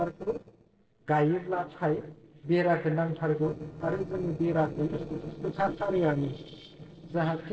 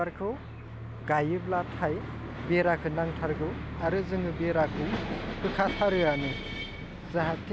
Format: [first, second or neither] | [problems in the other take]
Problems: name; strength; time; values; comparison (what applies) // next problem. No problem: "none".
second | noise reduction (neural separator model SepFormer DNS4)